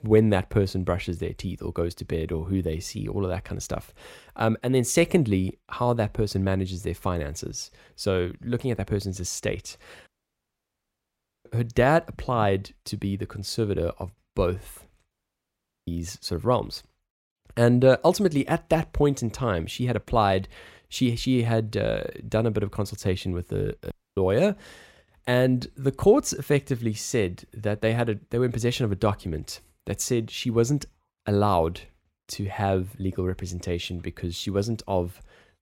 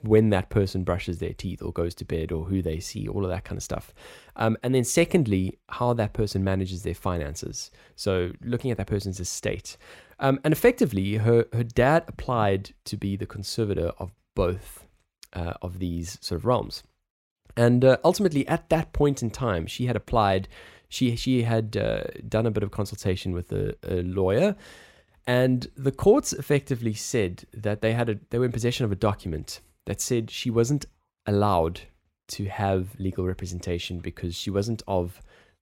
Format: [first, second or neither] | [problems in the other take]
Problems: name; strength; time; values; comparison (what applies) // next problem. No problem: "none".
second | audio cutting out; at 10 s for 1.5 s, at 15 s for 1 s and at 24 s